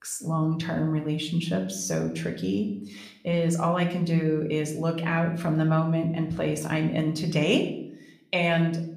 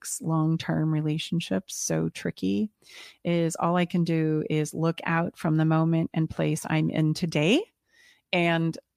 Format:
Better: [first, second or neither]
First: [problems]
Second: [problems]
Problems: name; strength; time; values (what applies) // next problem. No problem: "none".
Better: second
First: room echo; slight; dies away in 0.6 s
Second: none